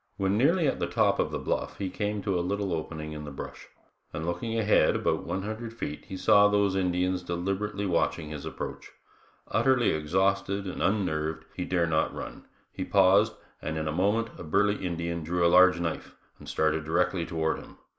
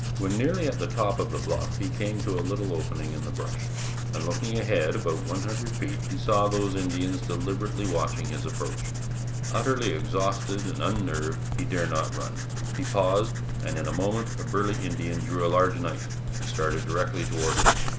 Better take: first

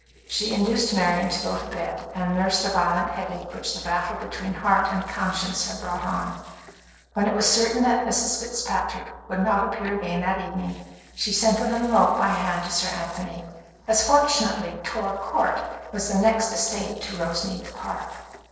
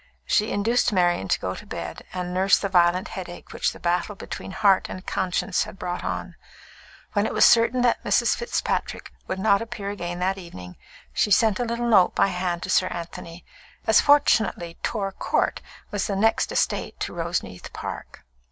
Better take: second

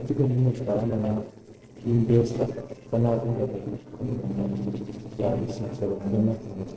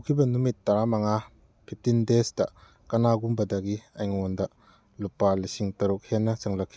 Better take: second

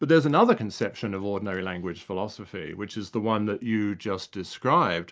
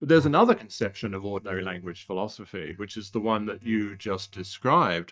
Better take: first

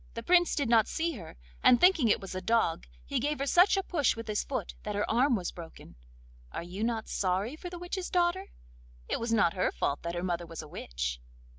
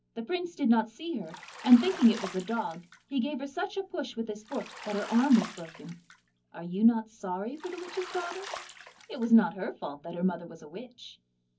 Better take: first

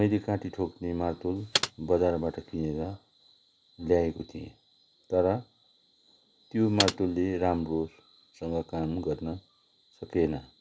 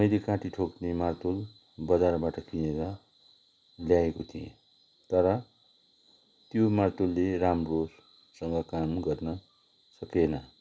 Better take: second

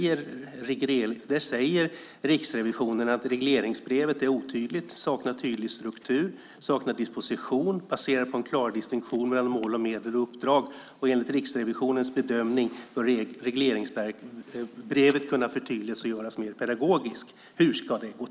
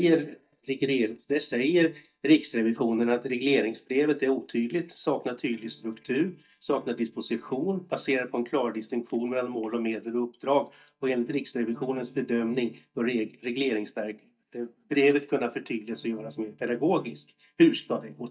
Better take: first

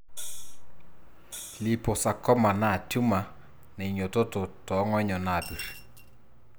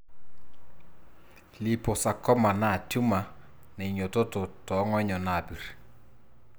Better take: second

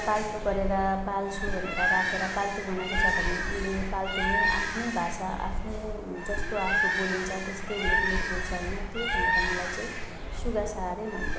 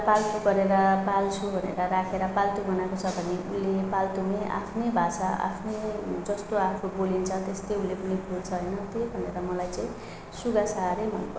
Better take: second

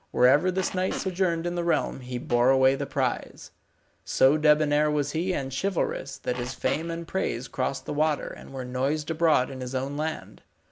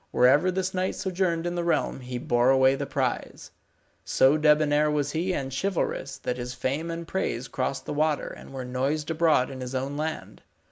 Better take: second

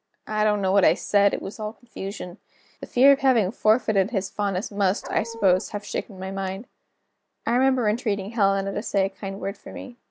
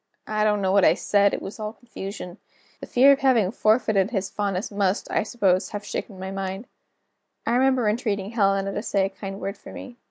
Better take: second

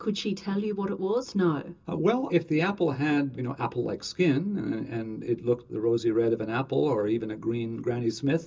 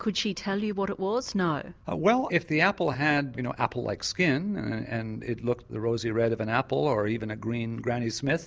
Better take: second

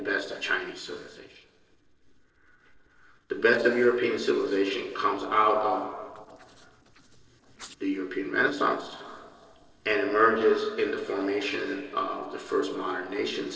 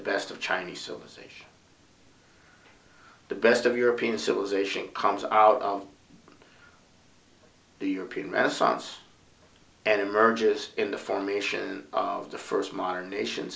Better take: second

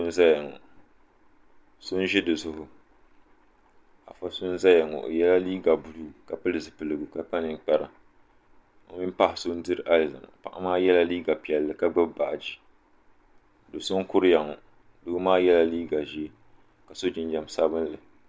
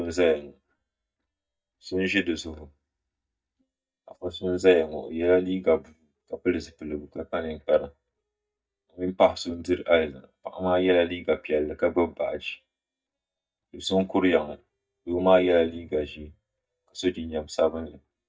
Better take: first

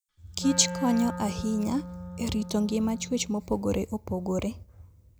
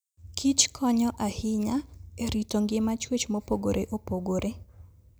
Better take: second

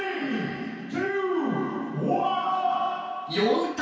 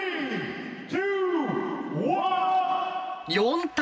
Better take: second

